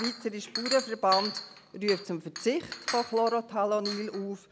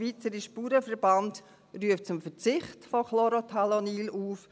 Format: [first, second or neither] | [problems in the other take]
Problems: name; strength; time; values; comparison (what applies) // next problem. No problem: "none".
second | background sound (Chink, clink); 8 dB below the speech